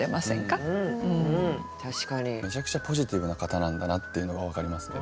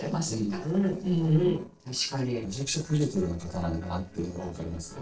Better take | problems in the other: first | noise reduction (neural separator model SepFormer DNS4)

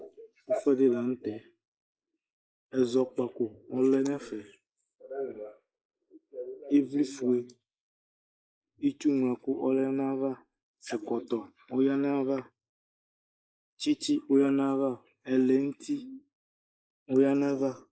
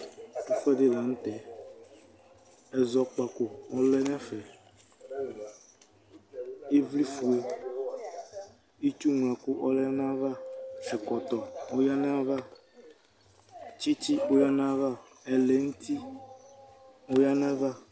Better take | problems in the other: second | noise reduction (neural mask model Resemble Enhance denoiser)

